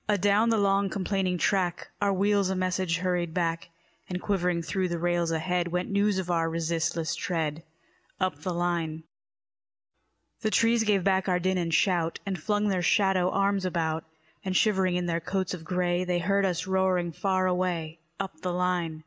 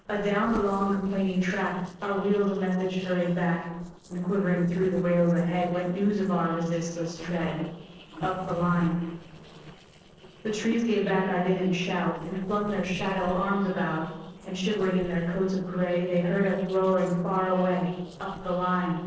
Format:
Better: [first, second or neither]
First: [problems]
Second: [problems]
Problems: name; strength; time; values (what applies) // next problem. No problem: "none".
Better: first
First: none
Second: noise reduction (neural separator model SepFormer DNS4)